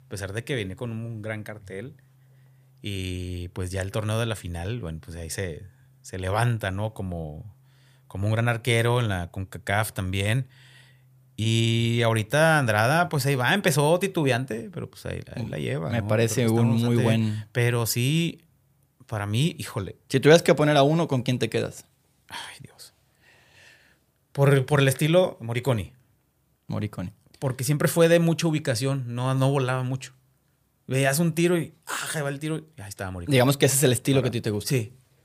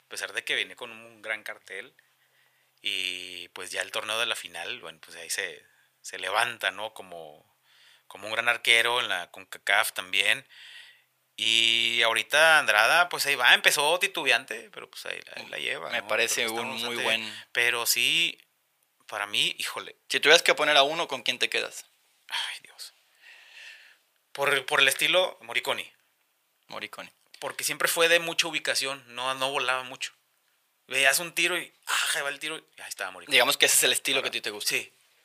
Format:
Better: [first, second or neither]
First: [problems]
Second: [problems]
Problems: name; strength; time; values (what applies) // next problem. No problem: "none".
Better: first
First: none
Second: thin; very; fading below 750 Hz